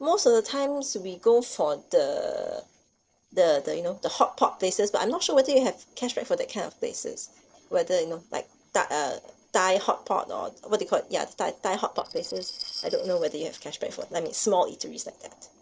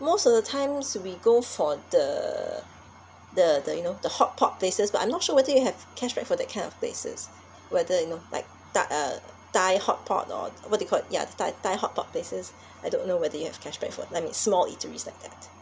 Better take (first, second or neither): second